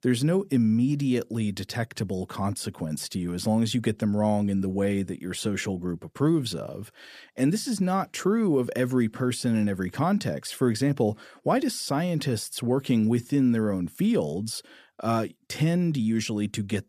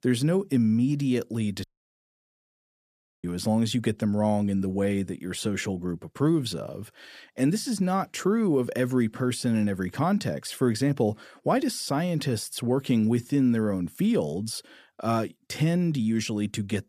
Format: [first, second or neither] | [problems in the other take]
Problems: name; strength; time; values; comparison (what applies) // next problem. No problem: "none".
first | audio cutting out; at 1.5 s for 1.5 s